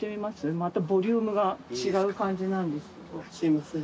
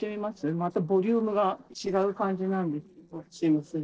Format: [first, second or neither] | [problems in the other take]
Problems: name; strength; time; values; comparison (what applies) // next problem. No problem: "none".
first | noise reduction (neural separator model SepFormer DNS4)